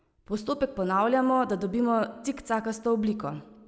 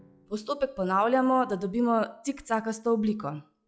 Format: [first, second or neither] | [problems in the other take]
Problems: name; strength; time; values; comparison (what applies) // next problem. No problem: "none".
first | noise reduction (classical method log-MMSE)